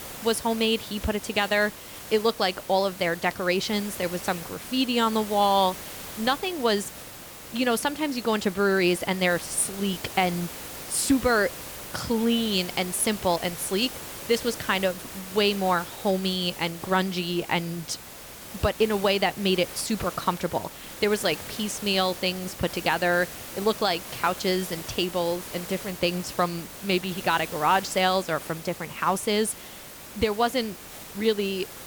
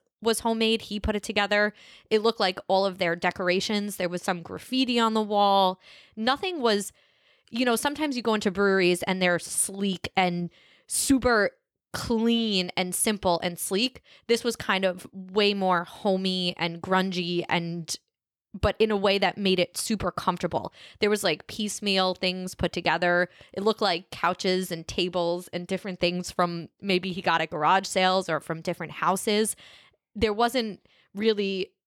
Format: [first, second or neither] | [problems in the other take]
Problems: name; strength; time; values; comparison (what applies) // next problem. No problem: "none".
second | hiss; noticeable; throughout; 10 dB below the speech